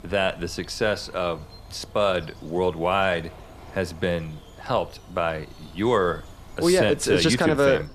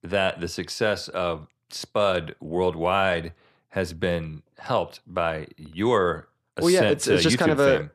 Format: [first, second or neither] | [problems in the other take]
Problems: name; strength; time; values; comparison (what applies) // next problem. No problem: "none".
second | animal sounds; faint; throughout; 20 dB below the speech